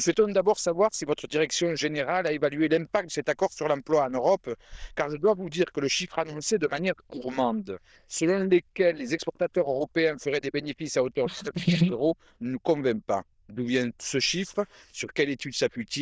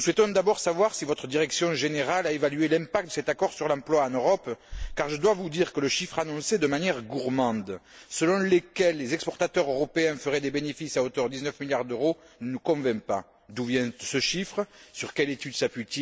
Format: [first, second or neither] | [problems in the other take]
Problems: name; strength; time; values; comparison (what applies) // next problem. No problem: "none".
second | noise reduction (neural diffusion model UNIVERSE++)